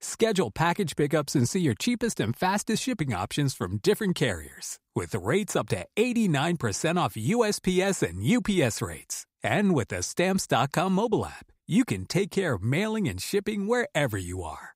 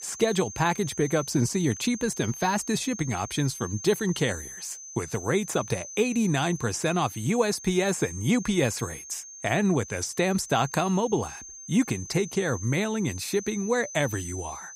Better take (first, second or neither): first